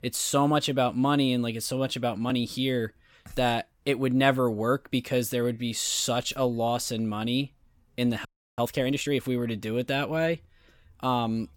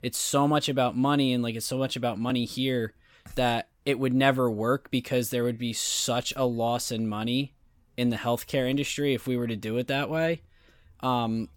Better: second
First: audio freezing; at 8.5 s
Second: none

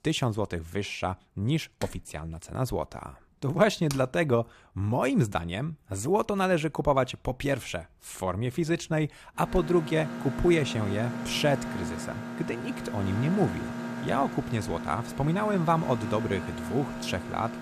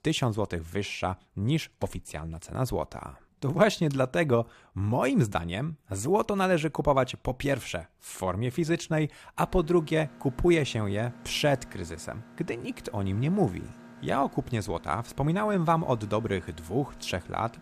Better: second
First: machinery noise; loud; throughout; 7 dB below the speech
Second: machinery noise; faint; throughout; 20 dB below the speech

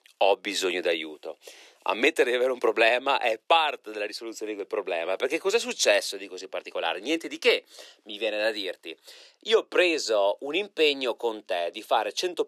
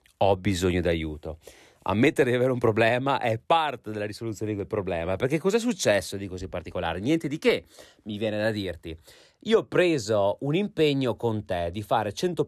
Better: second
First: thin; very; fading below 350 Hz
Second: none

